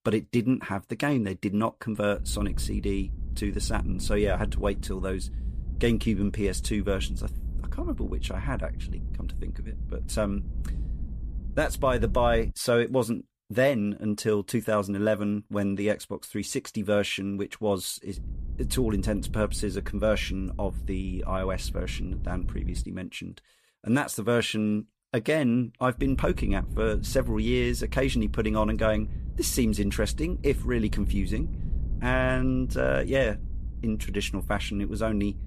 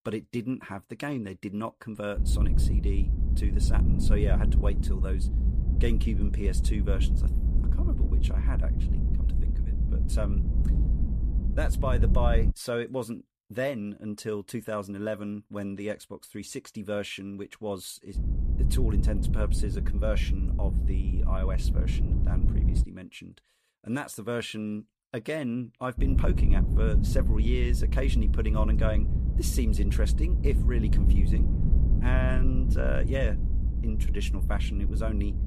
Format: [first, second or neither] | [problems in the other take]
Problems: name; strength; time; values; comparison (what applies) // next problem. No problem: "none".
first | low rumble; loud; from 2 to 13 s, from 18 to 23 s and from 26 s on; 7 dB below the speech; faint in the first